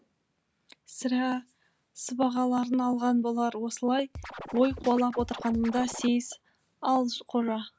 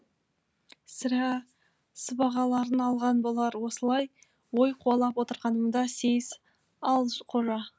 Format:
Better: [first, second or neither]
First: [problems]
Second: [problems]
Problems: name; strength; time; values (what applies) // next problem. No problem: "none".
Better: second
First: background sound (Scratching (performance technique)); 12 dB below the speech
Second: none